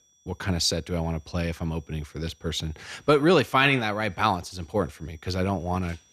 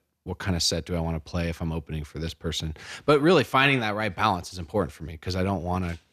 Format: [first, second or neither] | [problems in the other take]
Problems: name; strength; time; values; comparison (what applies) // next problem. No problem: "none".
second | high-pitched whine; faint; throughout; 6 kHz, 35 dB below the speech